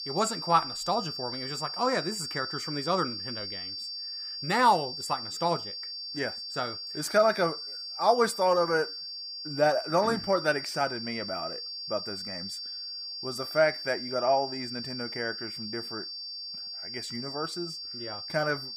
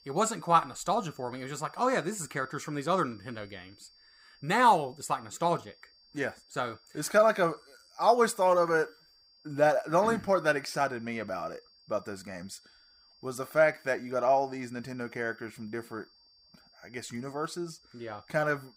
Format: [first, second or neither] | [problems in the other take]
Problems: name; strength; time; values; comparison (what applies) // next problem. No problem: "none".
second | high-pitched whine; loud; throughout; 4.5 kHz, 6 dB below the speech; faint in the second